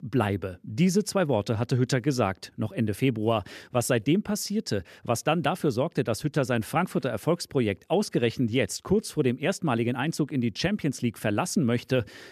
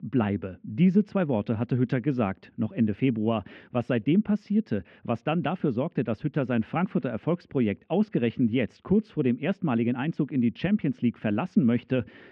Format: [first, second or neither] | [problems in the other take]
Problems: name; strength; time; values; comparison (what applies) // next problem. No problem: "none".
first | muffled; very; fading above 3 kHz